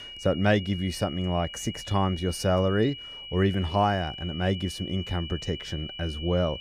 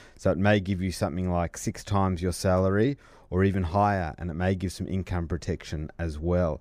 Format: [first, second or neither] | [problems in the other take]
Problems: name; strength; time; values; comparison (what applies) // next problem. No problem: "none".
second | high-pitched whine; noticeable; throughout; 3 kHz, 10 dB below the speech